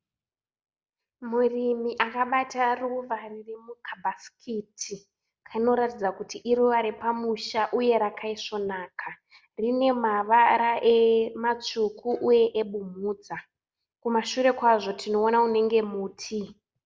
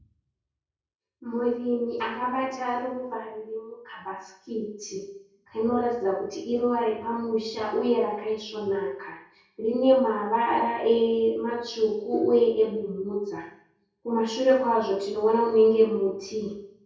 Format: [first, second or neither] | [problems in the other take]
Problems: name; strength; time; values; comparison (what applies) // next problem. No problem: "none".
first | room echo; dies away in 0.6 s